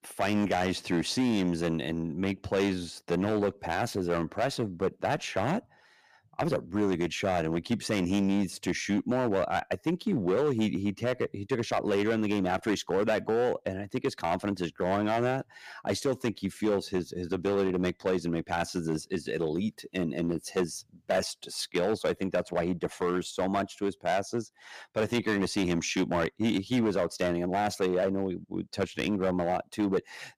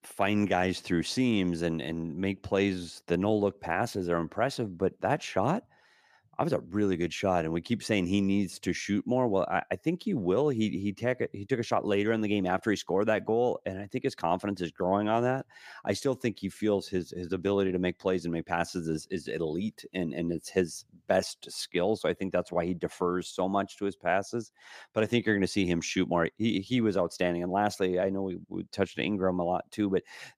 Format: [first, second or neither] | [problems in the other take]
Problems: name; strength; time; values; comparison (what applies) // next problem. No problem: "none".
second | distortion; slight; 7% of the sound clipped